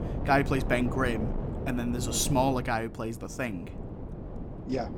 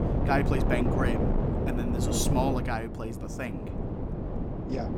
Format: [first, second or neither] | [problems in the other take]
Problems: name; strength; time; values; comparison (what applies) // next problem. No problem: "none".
first | wind noise on the microphone; heavy; 3 dB below the speech; occasional gusts in the first